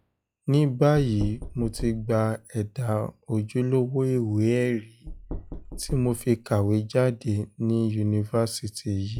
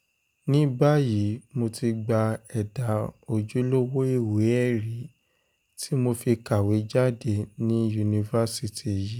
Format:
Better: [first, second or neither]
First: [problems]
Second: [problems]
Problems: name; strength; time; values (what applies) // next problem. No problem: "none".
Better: second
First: noise reduction (classical method log-MMSE)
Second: none